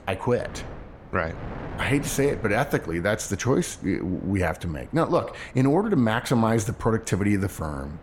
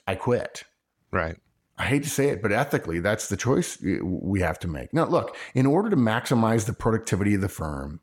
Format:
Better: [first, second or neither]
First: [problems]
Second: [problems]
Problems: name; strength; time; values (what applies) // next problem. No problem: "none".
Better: second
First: wind noise on the microphone; occasional gusts; 20 dB below the speech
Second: none